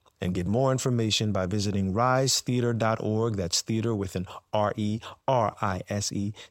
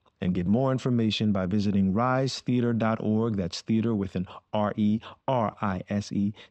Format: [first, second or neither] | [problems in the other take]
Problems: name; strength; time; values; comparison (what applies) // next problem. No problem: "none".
first | muffled; slightly; fading above 3 kHz